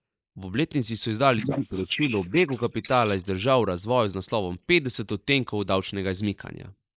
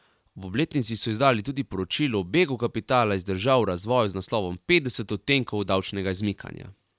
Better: second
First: noise reduction (neural mask model Resemble Enhance denoiser)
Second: none

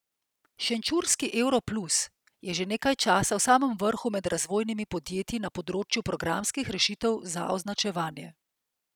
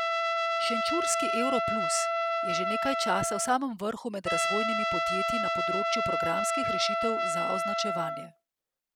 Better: first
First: none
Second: background sound (Trumpet); 4 dB above the speech

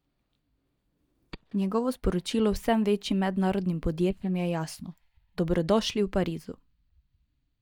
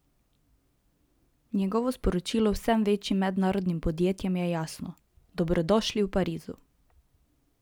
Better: second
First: noise reduction (neural mask model DeepFilterNet 3)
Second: none

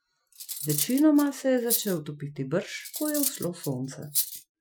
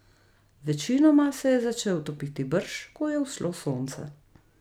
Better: second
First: noise reduction (classical method Wiener filter)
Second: none

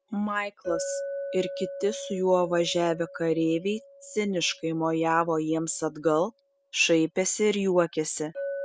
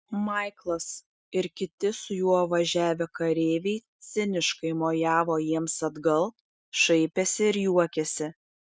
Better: second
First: background sound (Chink, clink); 13 dB below the speech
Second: none

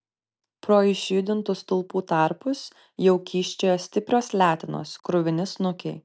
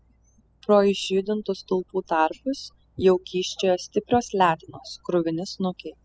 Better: first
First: none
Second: noise reduction (classical method spectral subtraction)

